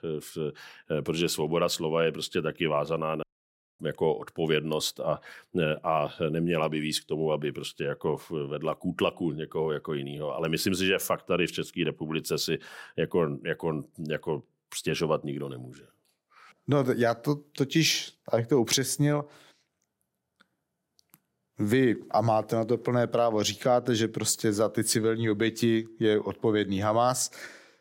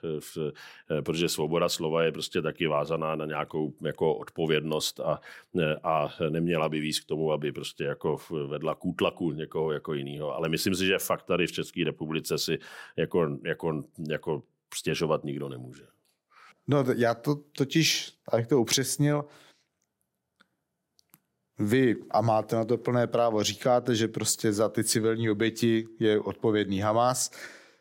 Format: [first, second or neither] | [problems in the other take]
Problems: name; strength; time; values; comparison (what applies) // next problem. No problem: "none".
second | audio cutting out; at 3 s for 0.5 s